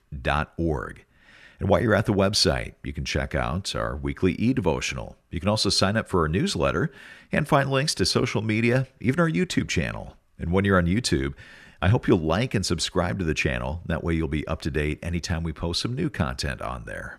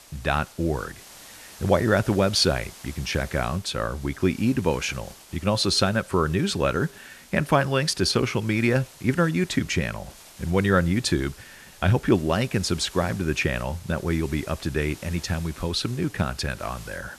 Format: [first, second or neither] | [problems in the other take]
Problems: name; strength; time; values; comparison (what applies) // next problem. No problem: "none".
first | hiss; faint; throughout; 20 dB below the speech